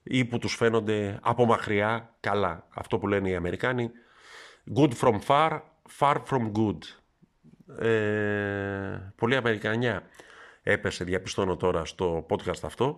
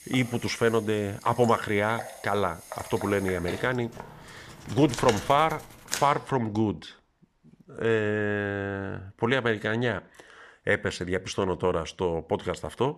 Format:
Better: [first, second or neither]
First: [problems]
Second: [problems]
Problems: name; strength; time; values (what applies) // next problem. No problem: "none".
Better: first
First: none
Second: household noises; noticeable; until 6 s; 10 dB below the speech